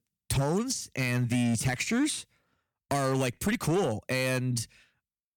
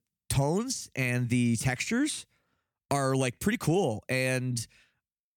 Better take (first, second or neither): second